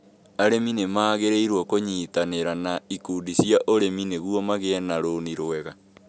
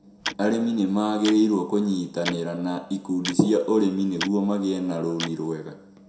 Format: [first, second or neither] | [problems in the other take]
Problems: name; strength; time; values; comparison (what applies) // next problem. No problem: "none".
first | background sound (Tick-tock); 14 dB below the speech // room echo; dies away in 0.5 s